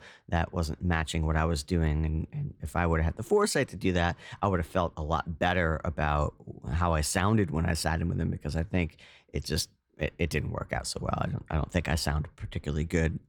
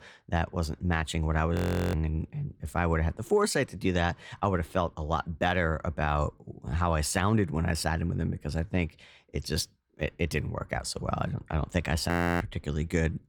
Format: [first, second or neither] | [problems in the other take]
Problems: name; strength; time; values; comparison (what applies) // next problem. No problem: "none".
first | audio freezing; at 1.5 s and at 12 s